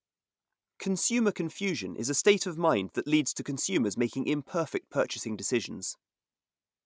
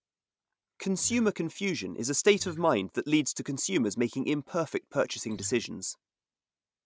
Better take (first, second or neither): first